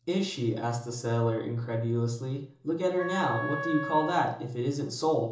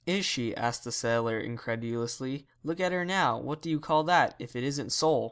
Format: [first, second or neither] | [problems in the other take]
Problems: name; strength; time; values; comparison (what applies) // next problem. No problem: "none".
second | background sound (Wind instrument, woodwind instrument); 8 dB below the speech // room echo; dies away in 0.6 s